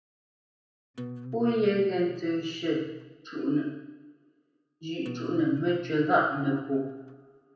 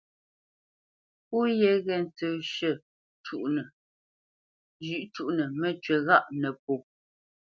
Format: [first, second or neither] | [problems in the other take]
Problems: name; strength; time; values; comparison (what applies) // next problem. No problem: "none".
second | background sound (Acoustic guitar); 14 dB below the speech // room echo; dies away in 0.9 s